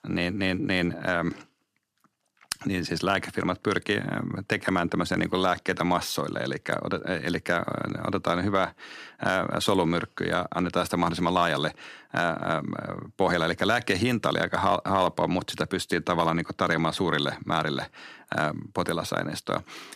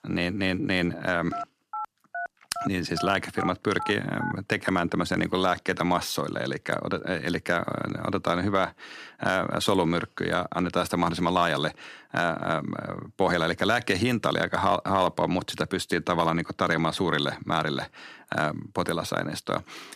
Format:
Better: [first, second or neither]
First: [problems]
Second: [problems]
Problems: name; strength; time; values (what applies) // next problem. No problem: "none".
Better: first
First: none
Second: phone ringing; noticeable; from 1.5 to 4.5 s; peak 9 dB below the speech